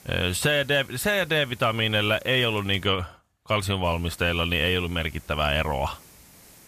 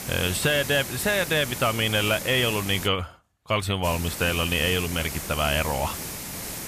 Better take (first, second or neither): first